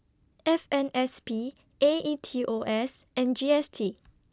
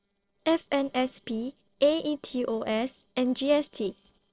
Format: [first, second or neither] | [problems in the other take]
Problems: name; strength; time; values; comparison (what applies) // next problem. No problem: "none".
first | noise reduction (neural separator model SepFormer DNS4)